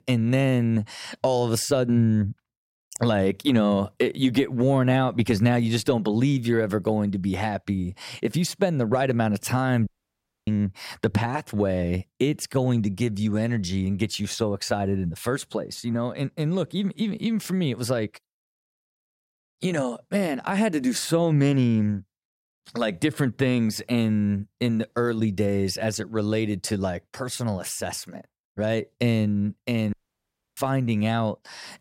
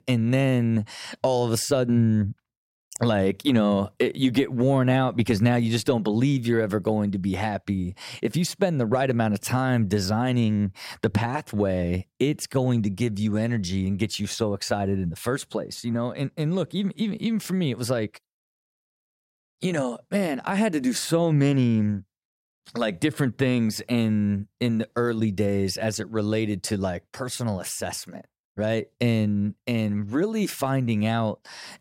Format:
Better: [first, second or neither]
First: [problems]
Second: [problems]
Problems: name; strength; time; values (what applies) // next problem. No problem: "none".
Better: second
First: audio cutting out; at 10 s for 0.5 s and at 30 s for 0.5 s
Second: none